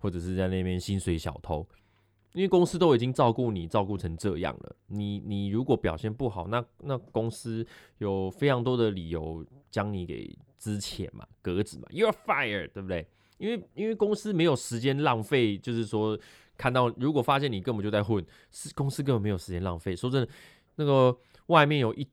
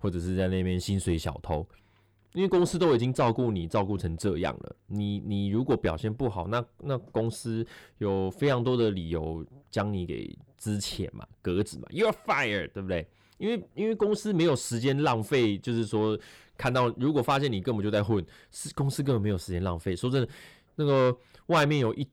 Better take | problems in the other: first | distortion; slight; 10 dB below the speech

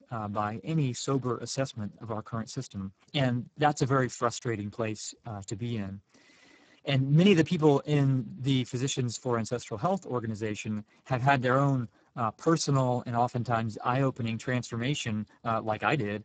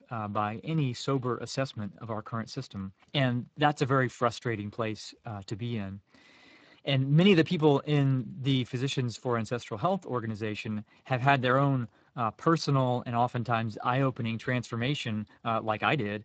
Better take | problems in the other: second | garbled, watery; badly; nothing above 7.5 kHz; slightly in the second

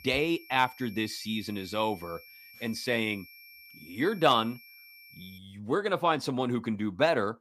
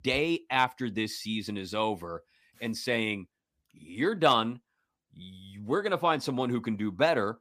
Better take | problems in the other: second | high-pitched whine; faint; until 5.5 s; 2.5 kHz, 20 dB below the speech

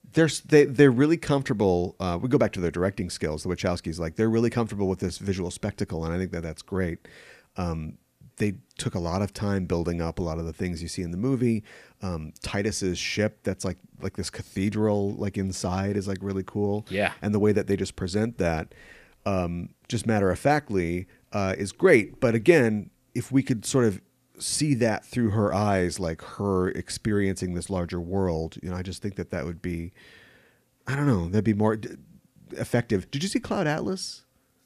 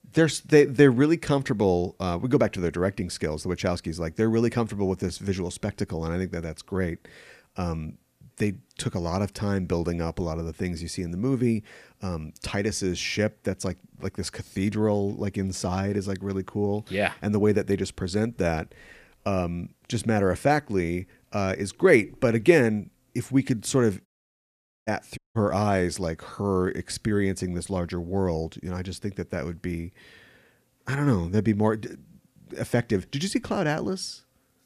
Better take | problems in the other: first | audio cutting out; at 24 s for 1 s and at 25 s

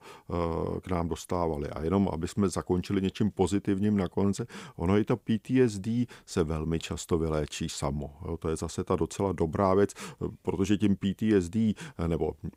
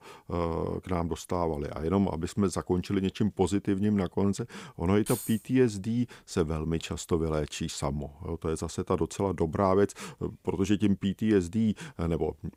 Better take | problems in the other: first | jangling keys; noticeable; at 5 s; peak 7 dB below the speech

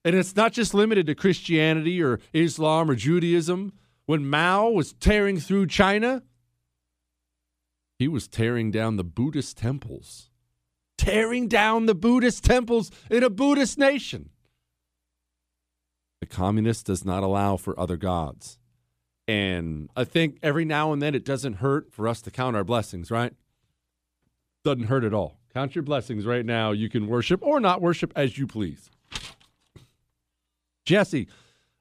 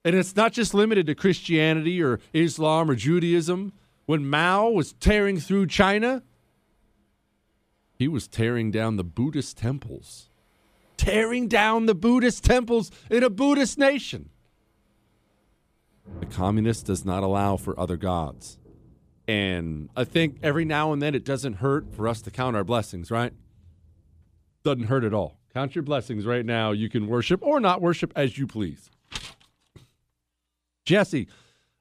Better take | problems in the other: first | rain or running water; faint; throughout; 25 dB below the speech

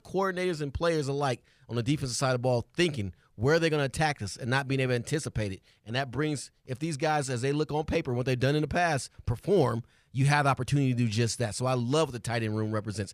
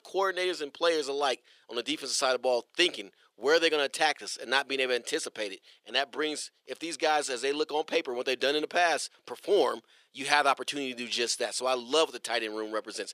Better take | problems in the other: first | thin; very; fading below 350 Hz

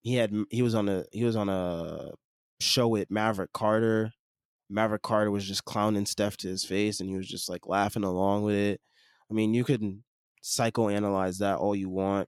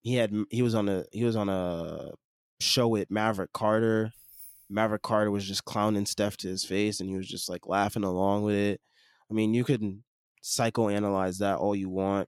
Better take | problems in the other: first | jangling keys; faint; at 4 s; peak 20 dB below the speech

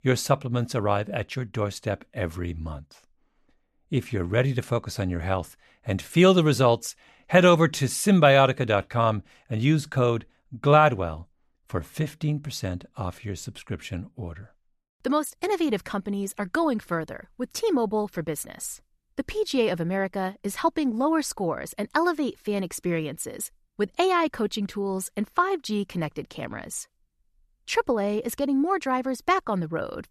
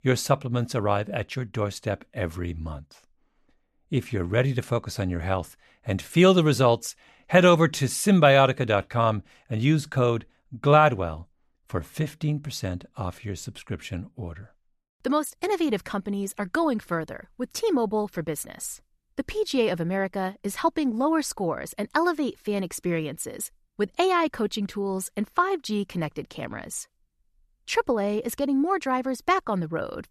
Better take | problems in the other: neither | none

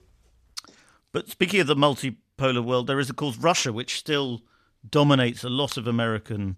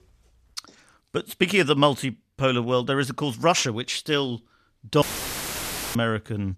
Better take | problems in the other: first | audio cutting out; filled with static; at 5 s for 1 s

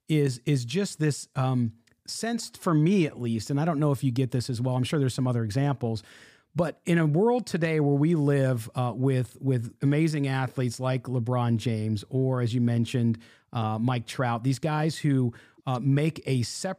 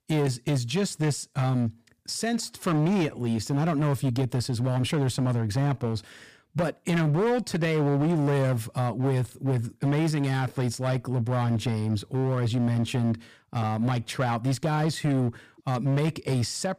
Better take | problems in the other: first | distortion; slight; 15% of the sound clipped

